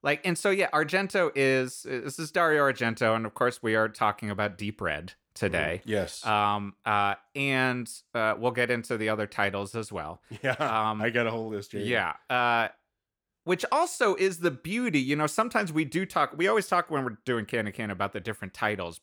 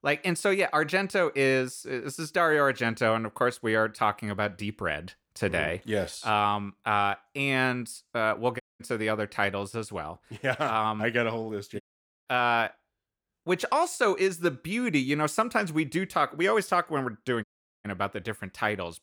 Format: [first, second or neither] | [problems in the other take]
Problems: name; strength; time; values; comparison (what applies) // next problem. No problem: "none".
first | audio cutting out; at 8.5 s, at 12 s and at 17 s